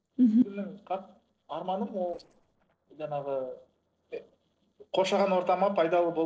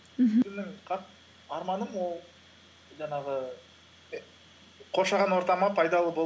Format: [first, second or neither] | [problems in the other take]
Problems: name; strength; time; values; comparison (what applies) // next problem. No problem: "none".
second | noise reduction (neural separator model SepFormer DNS4)